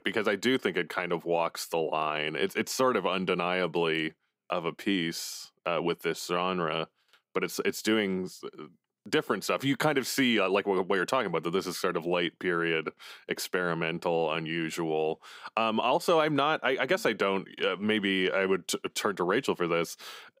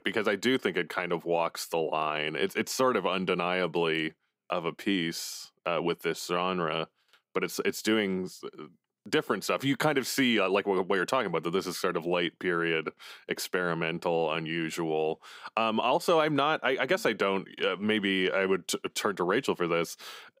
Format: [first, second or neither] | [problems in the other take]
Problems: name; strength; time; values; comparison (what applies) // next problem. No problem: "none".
neither | none